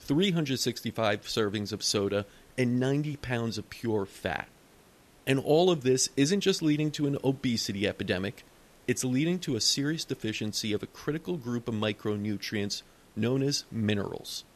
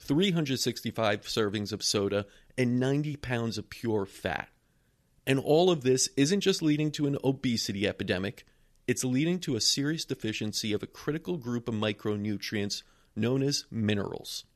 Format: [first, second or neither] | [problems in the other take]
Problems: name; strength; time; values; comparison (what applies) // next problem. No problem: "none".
second | hiss; faint; throughout; 30 dB below the speech